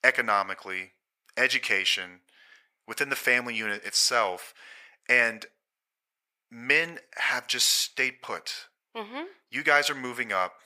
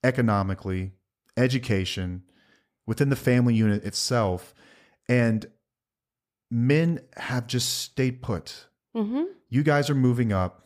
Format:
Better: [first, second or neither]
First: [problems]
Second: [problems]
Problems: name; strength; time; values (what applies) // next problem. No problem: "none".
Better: second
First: thin; very; fading below 800 Hz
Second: none